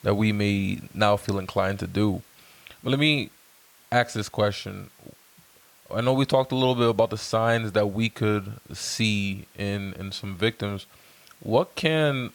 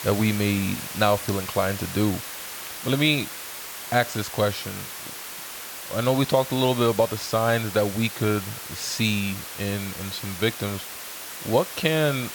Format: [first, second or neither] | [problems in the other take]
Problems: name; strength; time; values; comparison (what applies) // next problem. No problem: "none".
first | hiss; loud; throughout; 9 dB below the speech; faint in the first